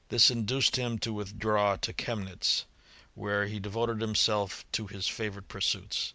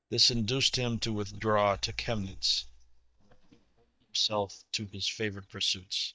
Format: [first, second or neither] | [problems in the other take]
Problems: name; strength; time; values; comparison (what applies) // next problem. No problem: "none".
first | noise reduction (neural mask model DeepFilterNet 3)